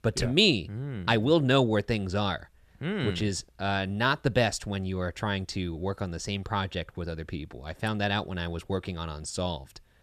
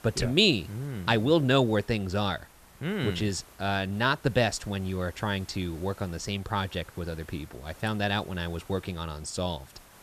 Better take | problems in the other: first | hiss; faint; throughout; 25 dB below the speech

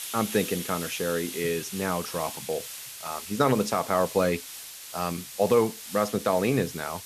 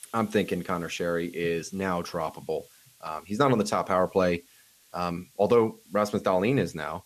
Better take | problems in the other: second | hiss; loud; throughout; 9 dB below the speech; faint in the second

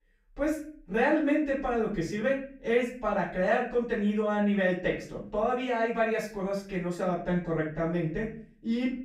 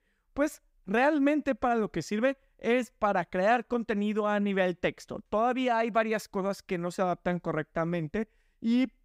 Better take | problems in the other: second | off-mic speech; far // room echo; slight; dies away in 0.4 s

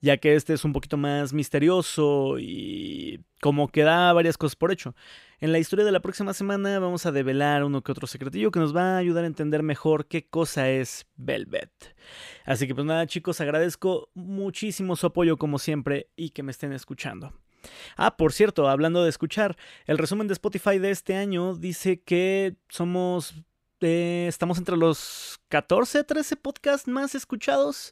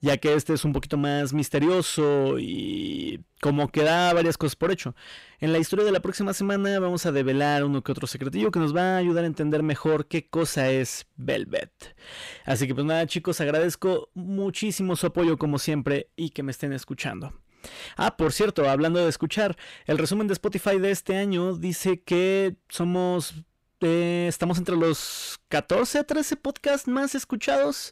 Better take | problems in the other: first | distortion; slight; 10 dB below the speech

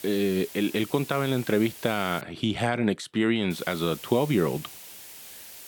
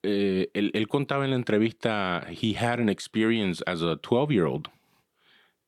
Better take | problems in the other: second | hiss; noticeable; until 2 s and from 3.5 s on; 15 dB below the speech

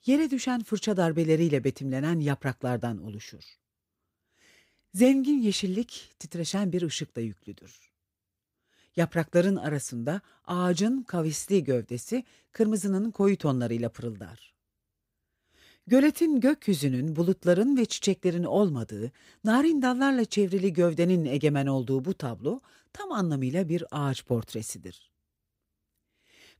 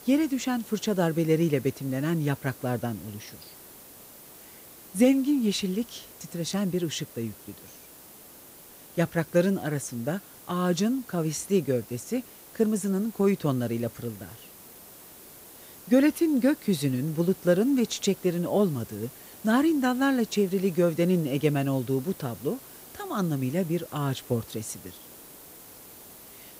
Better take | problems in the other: first | hiss; noticeable; throughout; 20 dB below the speech

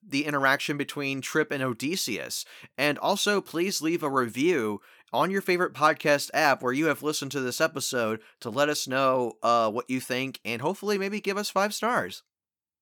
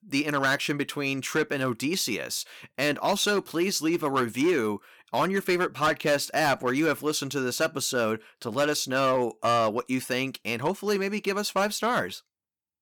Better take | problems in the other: first | distortion; slight; 5% of the sound clipped

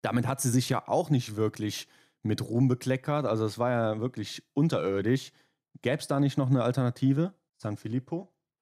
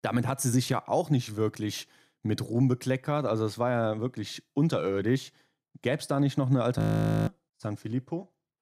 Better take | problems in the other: first | audio freezing; at 7 s

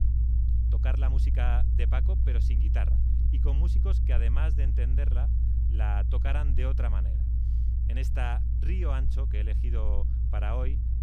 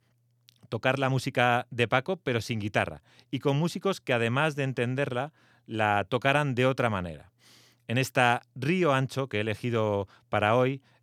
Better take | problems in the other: second | low rumble; loud; throughout; 5 dB below the speech

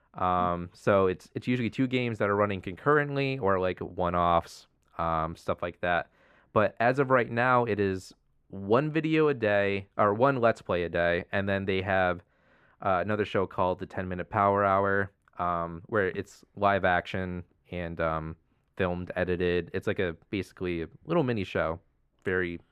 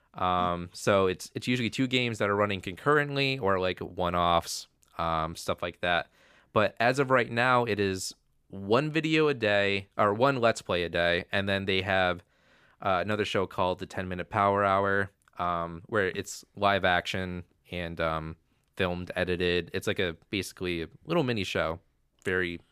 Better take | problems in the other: second | muffled; slightly; fading above 3 kHz

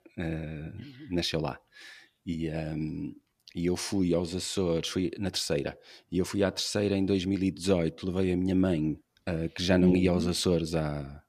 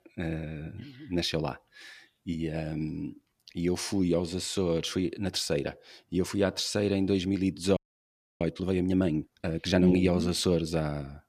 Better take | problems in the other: first | audio freezing; at 8 s for 0.5 s

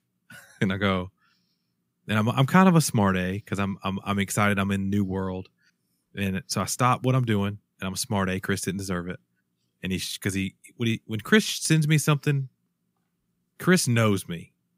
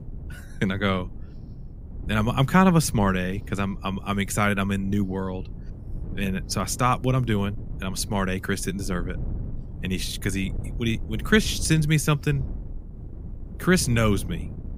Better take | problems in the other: first | wind noise on the microphone; occasional gusts; 20 dB below the speech

